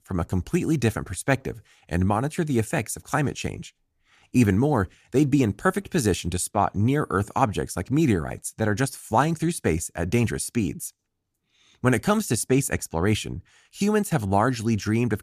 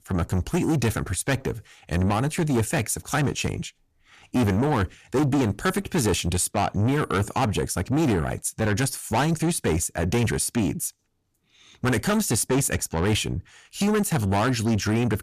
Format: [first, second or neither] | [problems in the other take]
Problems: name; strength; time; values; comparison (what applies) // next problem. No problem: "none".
first | distortion; heavy; 7 dB below the speech